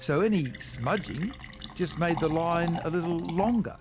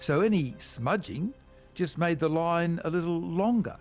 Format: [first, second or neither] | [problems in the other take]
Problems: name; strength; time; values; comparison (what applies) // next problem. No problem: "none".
second | background sound (Fill (with liquid)); 11 dB below the speech